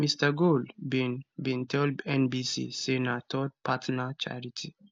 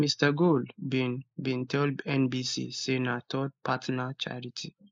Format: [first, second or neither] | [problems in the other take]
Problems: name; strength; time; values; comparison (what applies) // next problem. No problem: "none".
first | noise reduction (neural mask model Resemble Enhance denoiser)